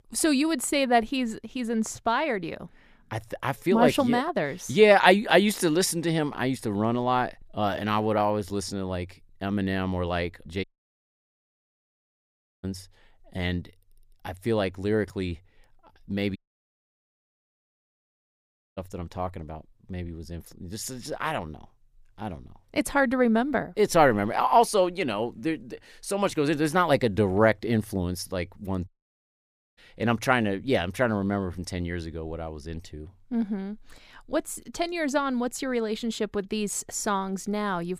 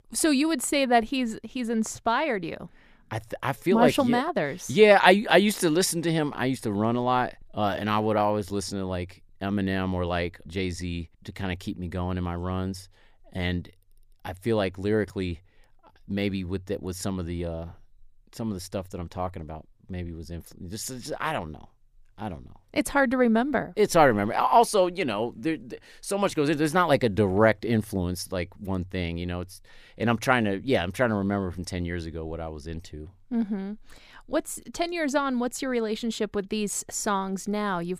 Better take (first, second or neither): second